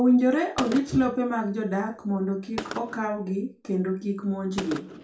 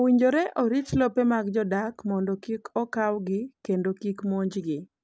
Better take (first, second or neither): second